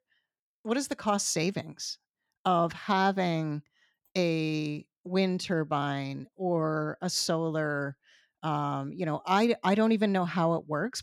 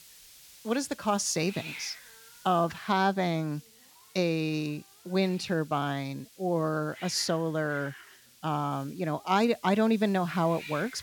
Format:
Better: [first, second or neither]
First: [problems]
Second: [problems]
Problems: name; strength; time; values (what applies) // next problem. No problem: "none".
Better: first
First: none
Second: hiss; noticeable; throughout; 20 dB below the speech